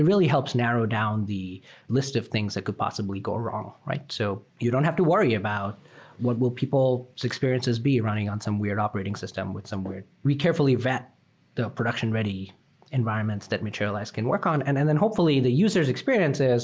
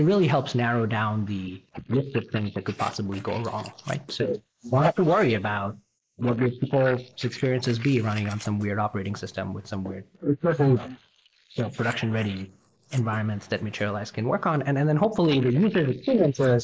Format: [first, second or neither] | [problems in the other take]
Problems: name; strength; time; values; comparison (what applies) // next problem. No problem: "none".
first | noise reduction (neural mask model Resemble Enhance denoiser)